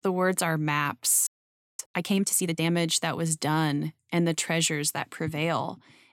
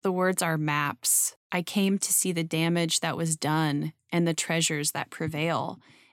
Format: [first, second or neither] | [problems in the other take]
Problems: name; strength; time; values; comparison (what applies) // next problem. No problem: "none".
second | audio freezing; at 1.5 s for 0.5 s